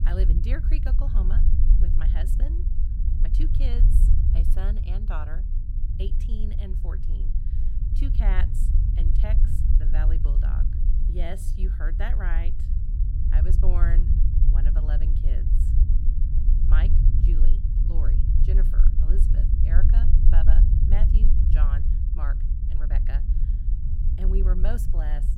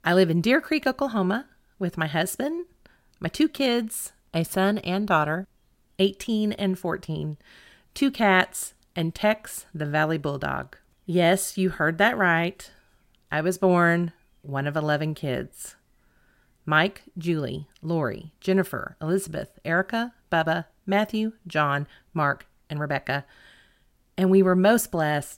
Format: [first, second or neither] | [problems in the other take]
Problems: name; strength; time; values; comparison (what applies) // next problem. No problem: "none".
second | low rumble; loud; throughout; 3 dB below the speech